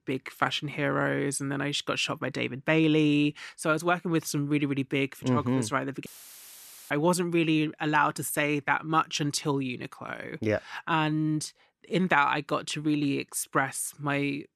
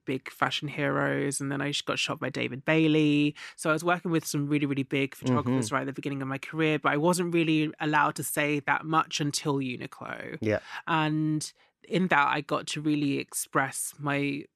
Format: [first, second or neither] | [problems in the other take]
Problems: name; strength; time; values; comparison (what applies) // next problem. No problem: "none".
second | audio cutting out; filled with static; at 6 s for 1 s